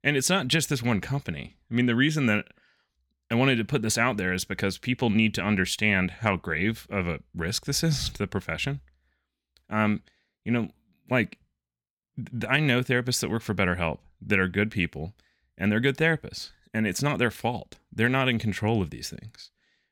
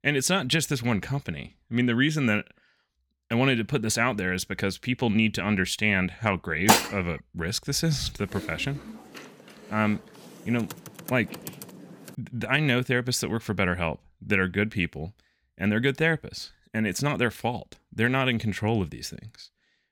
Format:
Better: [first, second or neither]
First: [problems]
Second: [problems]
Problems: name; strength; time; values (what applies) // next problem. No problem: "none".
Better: first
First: none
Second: clattering dishes; loud; at 6.5 s; peak 5 dB above the speech // keyboard typing; faint; from 8 to 12 s; peak 15 dB below the speech